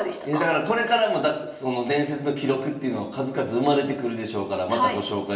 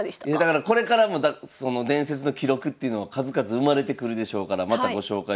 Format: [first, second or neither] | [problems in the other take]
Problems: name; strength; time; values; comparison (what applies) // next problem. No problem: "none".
second | room echo; dies away in 0.8 s